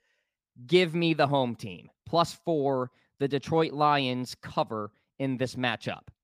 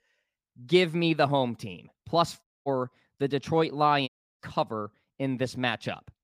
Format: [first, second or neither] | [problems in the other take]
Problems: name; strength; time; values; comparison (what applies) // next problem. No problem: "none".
first | audio cutting out; at 2.5 s and at 4 s